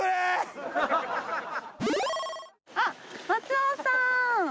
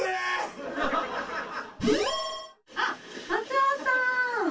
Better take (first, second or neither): first